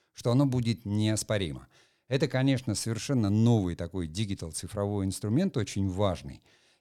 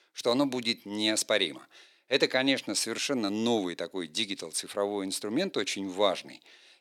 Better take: first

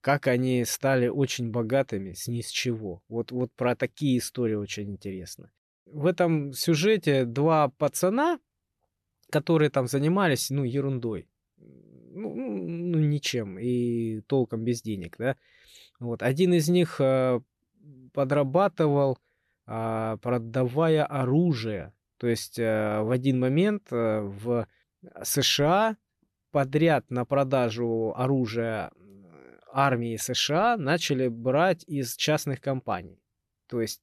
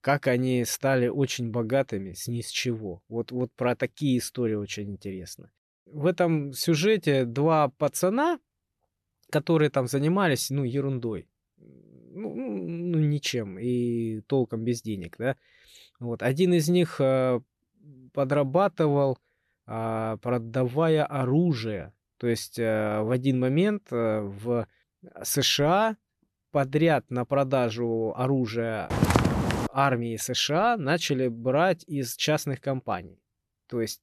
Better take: first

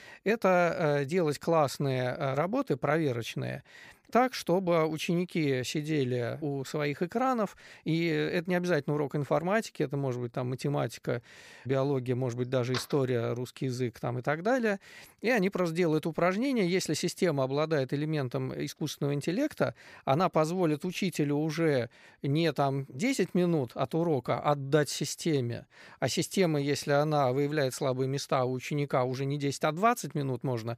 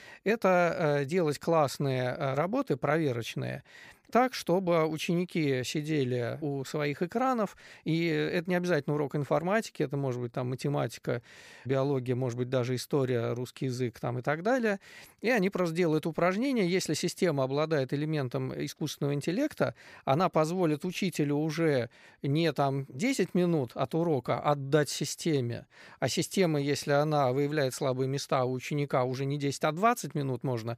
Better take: second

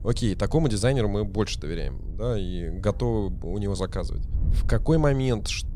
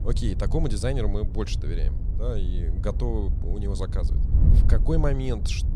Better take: first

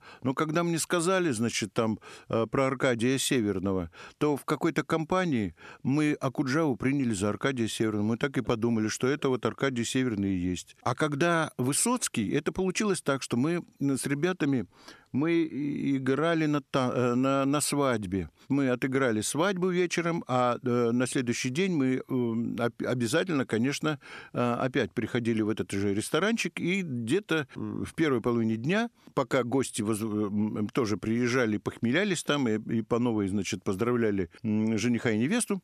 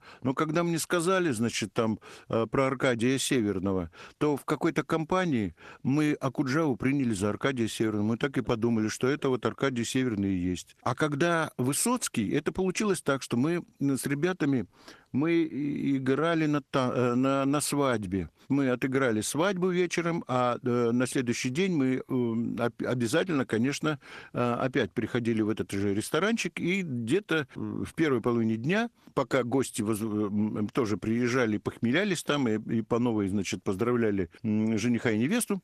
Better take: first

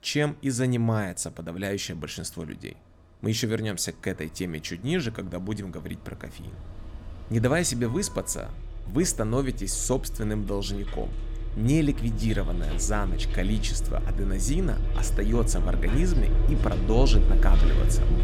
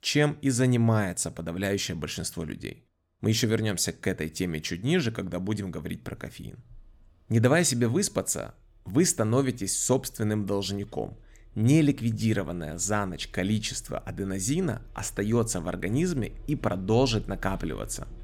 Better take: second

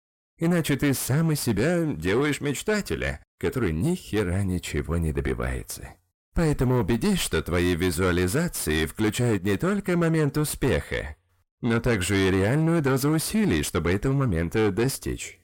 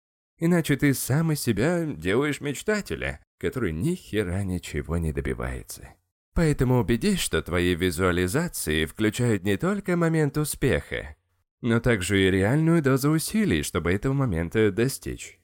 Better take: second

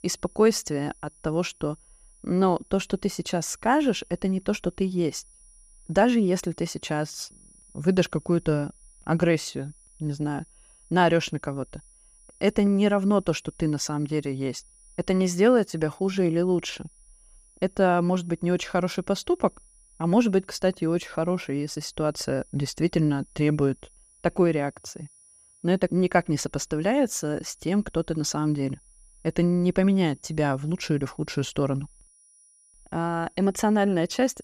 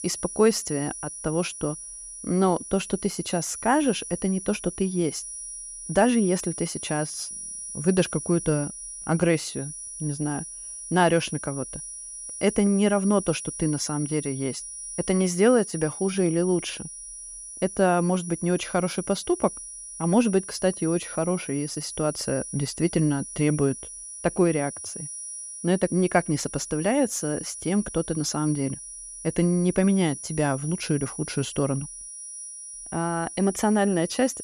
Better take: first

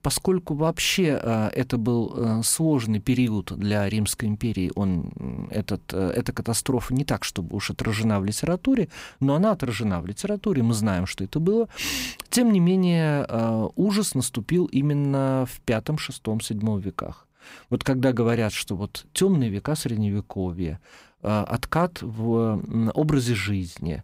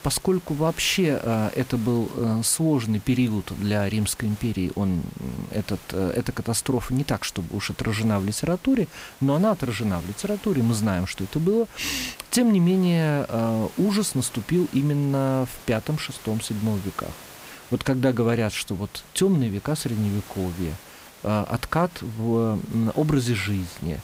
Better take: first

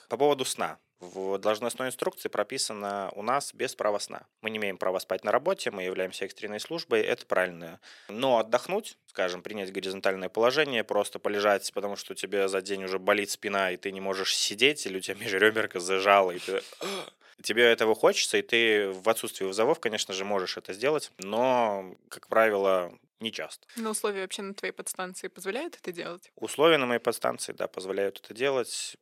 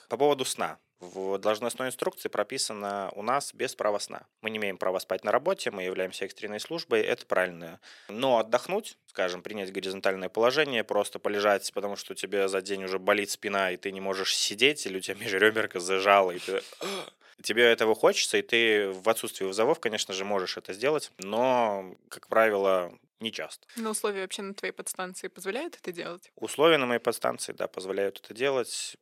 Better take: neither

